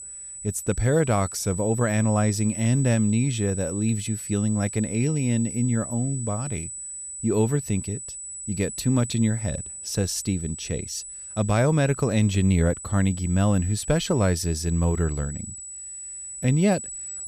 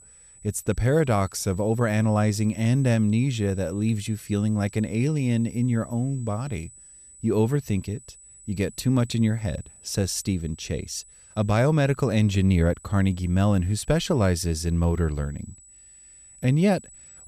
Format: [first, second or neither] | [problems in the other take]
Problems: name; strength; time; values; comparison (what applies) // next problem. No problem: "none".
second | high-pitched whine; loud; throughout; 8 kHz, 9 dB below the speech; faint in the second